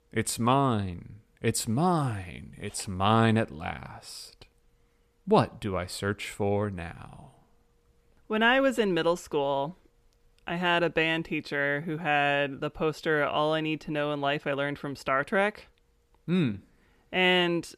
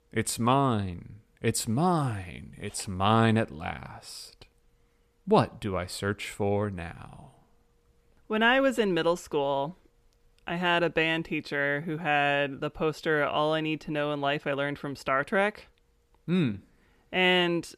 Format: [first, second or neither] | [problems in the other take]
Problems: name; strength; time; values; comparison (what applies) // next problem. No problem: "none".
neither | none